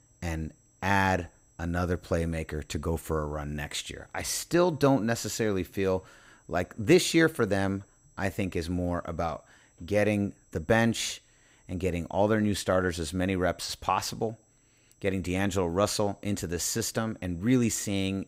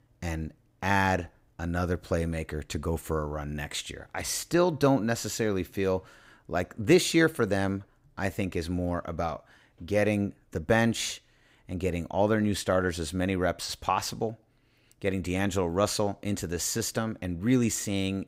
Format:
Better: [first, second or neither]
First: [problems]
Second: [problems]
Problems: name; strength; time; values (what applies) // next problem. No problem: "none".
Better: second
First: high-pitched whine; faint; throughout; 7.5 kHz, 35 dB below the speech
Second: none